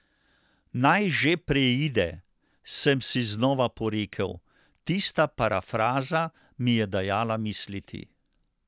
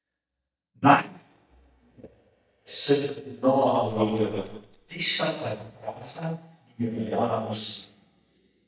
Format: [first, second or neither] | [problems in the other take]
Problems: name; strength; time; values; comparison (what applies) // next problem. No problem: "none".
first | noise reduction (neural mask model DeepFilterNet 3)